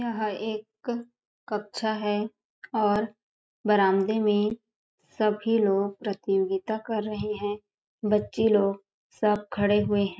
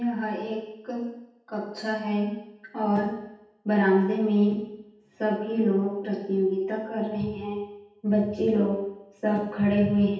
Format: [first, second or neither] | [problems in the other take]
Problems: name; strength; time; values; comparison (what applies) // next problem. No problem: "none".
first | room echo; dies away in 0.9 s